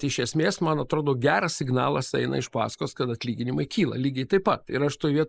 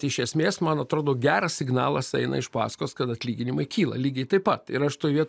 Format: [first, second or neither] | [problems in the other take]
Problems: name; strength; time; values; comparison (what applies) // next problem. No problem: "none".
second | noise reduction (neural mask model Resemble Enhance denoiser)